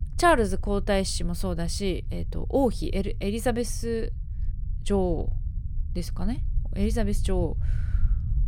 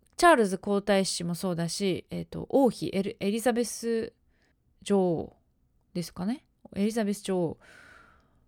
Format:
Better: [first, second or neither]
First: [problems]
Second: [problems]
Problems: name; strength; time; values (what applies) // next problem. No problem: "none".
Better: second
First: low rumble; faint; throughout; 25 dB below the speech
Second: none